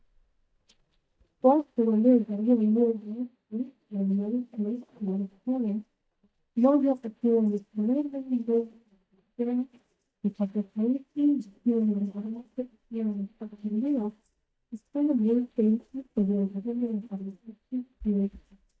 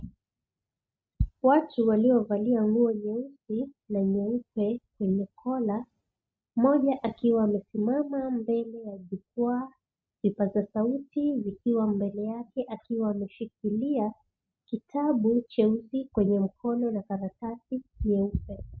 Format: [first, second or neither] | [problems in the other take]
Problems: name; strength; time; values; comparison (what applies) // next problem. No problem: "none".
second | noise reduction (neural mask model DeepFilterNet 3)